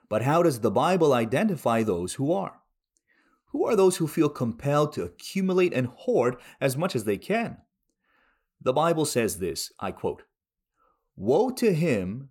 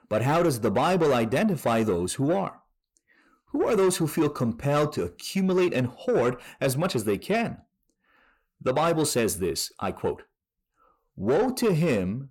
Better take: first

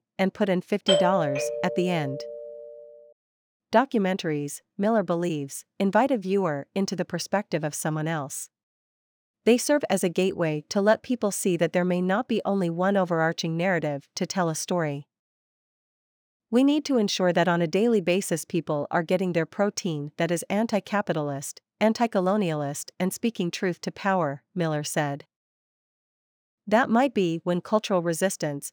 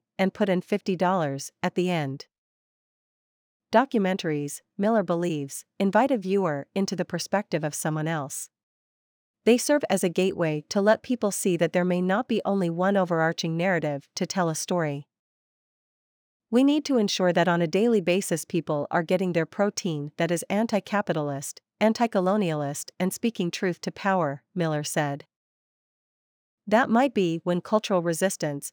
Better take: second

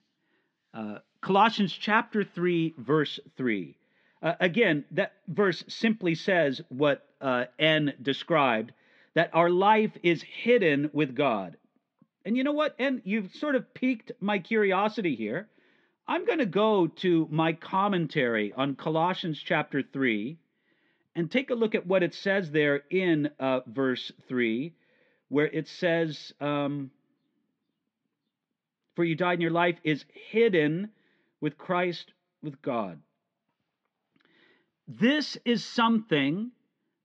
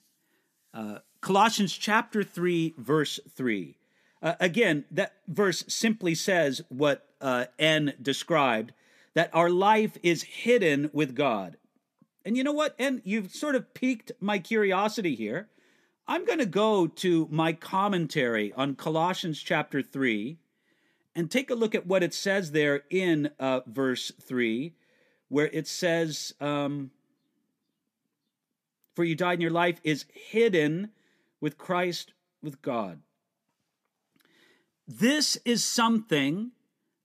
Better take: second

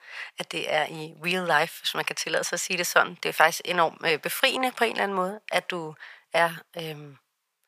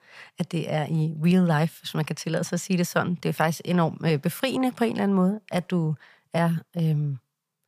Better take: second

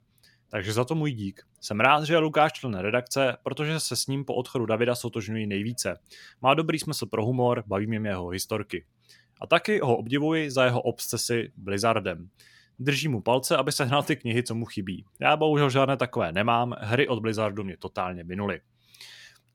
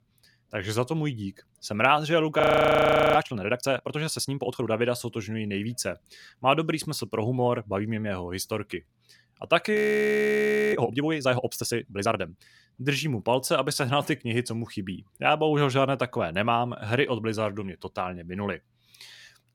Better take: first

